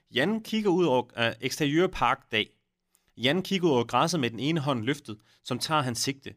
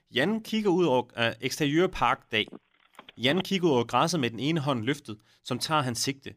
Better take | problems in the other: first | phone ringing; faint; from 2 to 3.5 s; peak 10 dB below the speech

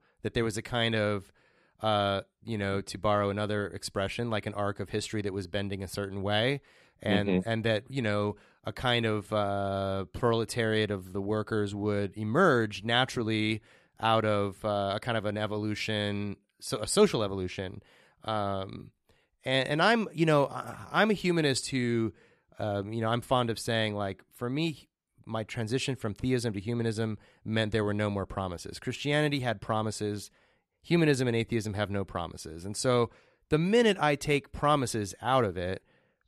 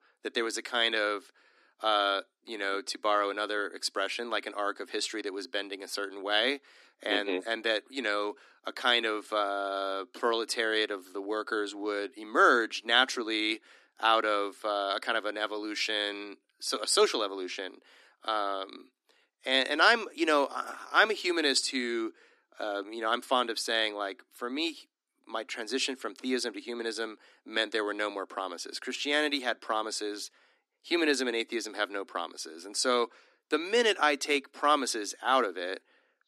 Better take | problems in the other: first | thin; somewhat; fading below 250 Hz

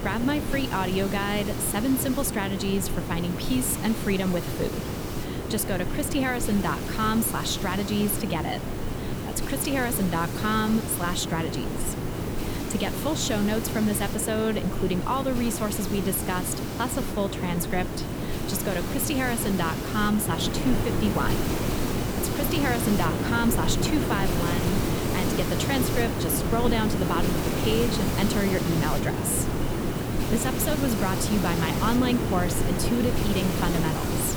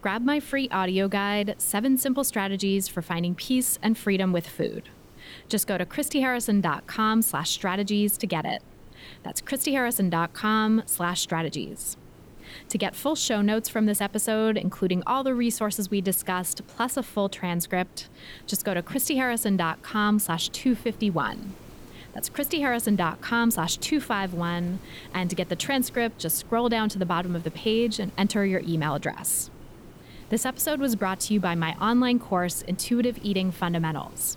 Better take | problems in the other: second | hiss; loud; throughout; 1 dB below the speech; faint in the second

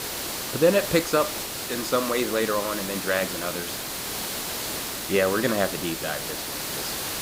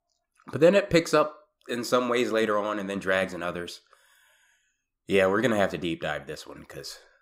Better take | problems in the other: second | hiss; loud; throughout; 4 dB below the speech

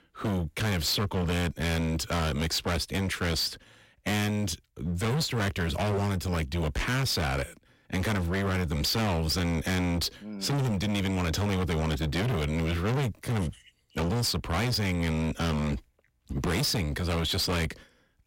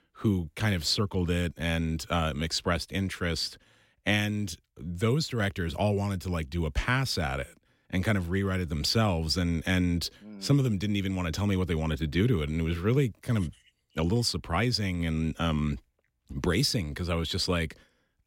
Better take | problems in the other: second | distortion; heavy; 33% of the sound clipped

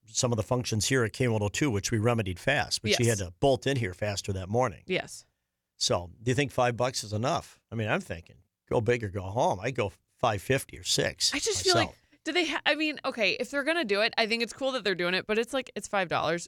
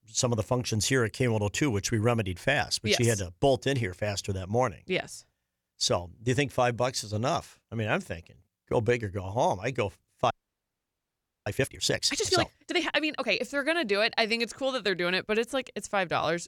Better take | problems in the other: first | audio freezing; at 10 s for 1 s

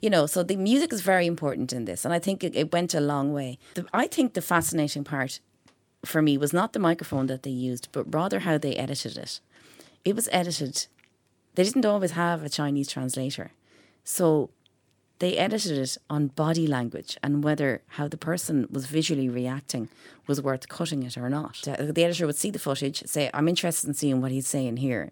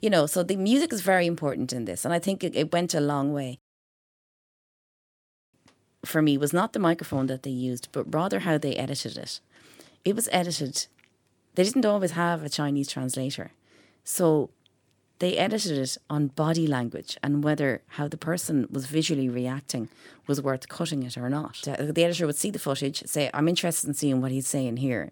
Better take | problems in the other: first | audio cutting out; at 3.5 s for 2 s

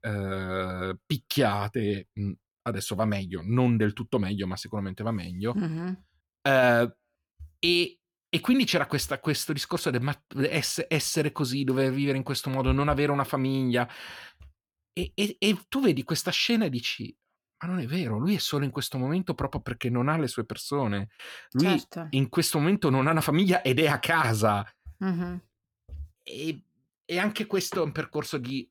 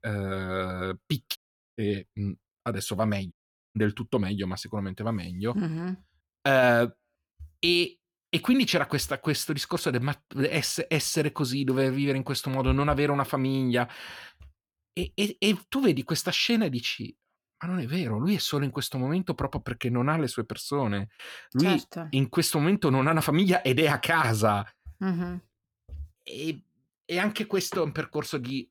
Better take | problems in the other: first | audio cutting out; at 1.5 s and at 3.5 s

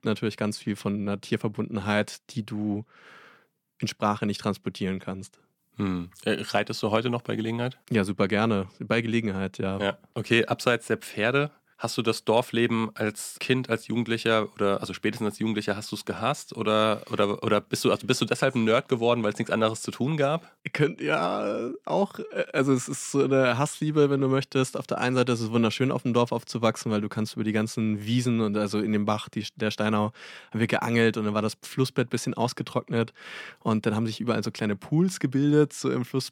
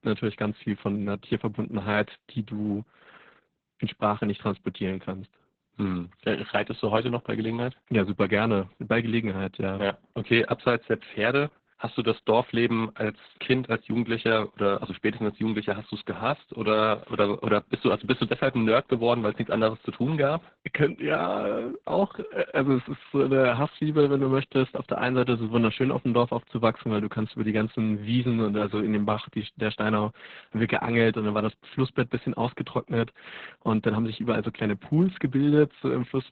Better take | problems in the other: first | garbled, watery; badly; nothing above 4 kHz

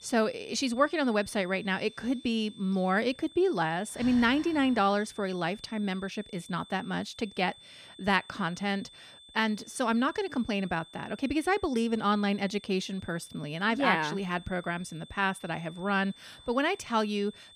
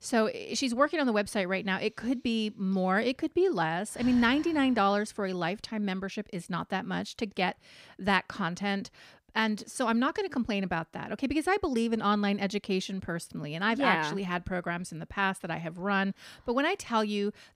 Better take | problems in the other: second | high-pitched whine; faint; throughout; 3.5 kHz, 20 dB below the speech

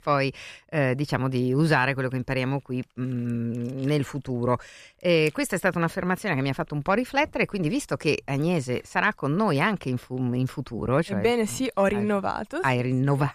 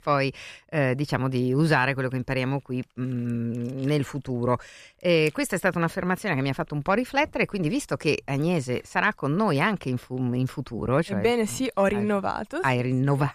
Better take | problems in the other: neither | none

